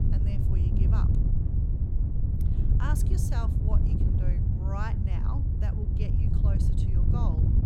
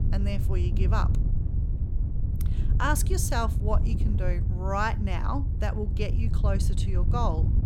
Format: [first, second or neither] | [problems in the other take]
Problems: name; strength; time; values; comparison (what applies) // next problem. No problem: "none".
second | wind noise on the microphone; heavy; 1 dB above the speech; occasional gusts in the second